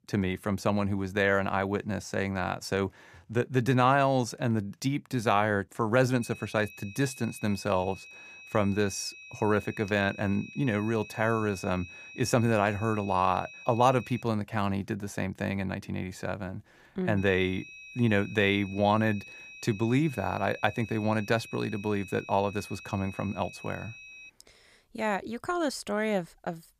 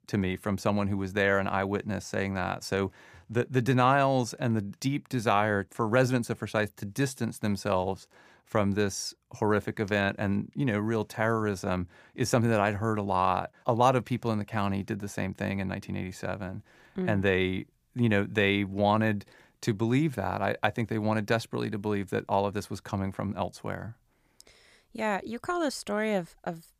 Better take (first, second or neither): second